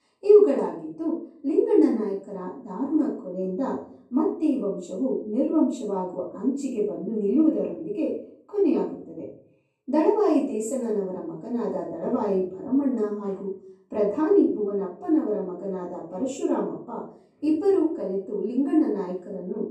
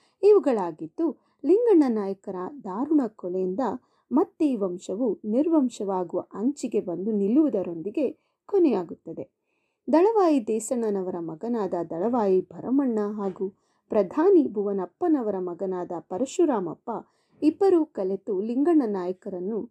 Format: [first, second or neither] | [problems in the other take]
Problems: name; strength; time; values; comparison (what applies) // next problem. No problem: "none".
second | off-mic speech; far // room echo; noticeable; dies away in 0.4 s